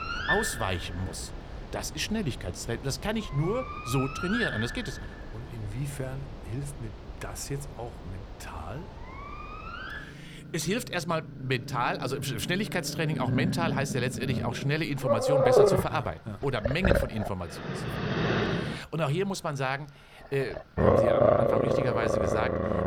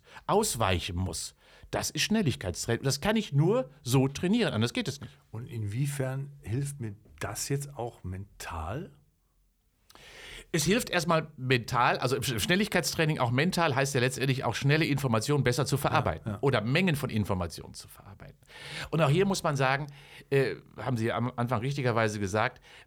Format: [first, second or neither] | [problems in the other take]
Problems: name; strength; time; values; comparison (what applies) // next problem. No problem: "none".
second | animal sounds; very loud; throughout; 3 dB above the speech